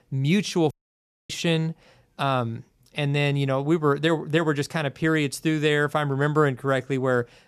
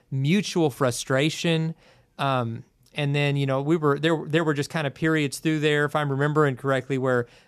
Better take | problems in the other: second | audio cutting out; at 0.5 s for 0.5 s

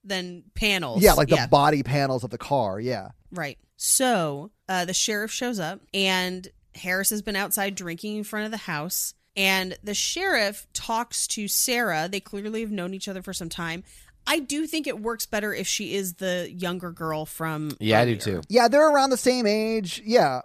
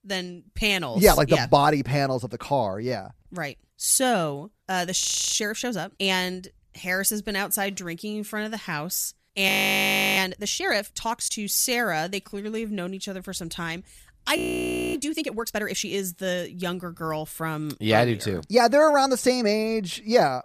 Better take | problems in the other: first | audio freezing; at 5 s, at 9.5 s for 0.5 s and at 14 s for 0.5 s

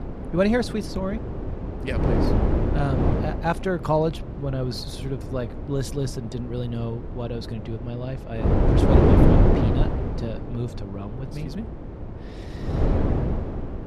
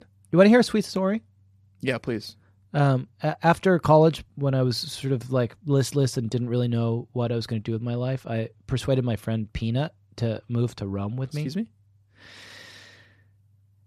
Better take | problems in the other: second | wind noise on the microphone; heavy; 2 dB above the speech

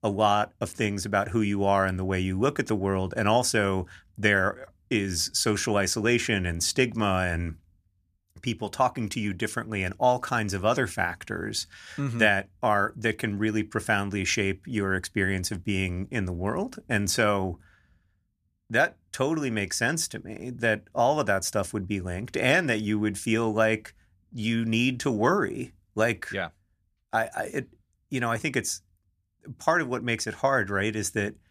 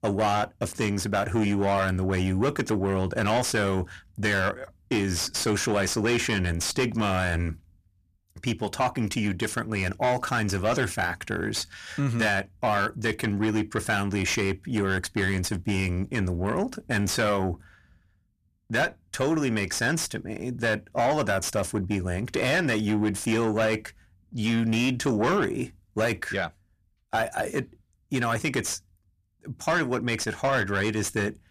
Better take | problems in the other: first | distortion; heavy; 7 dB below the speech

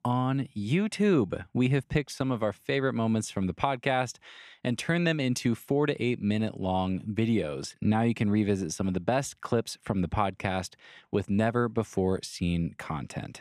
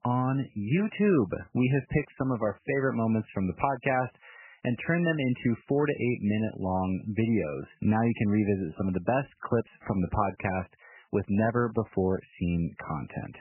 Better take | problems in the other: first | garbled, watery; badly; nothing above 3 kHz

